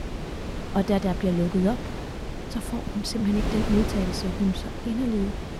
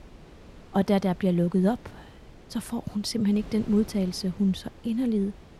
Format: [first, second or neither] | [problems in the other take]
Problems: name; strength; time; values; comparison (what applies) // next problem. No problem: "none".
second | wind noise on the microphone; heavy; 5 dB below the speech; occasional gusts in the second